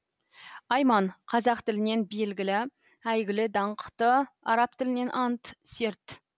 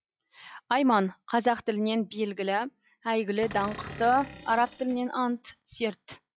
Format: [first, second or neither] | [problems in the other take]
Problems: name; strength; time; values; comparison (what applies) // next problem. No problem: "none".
first | noise reduction (classical method log-MMSE)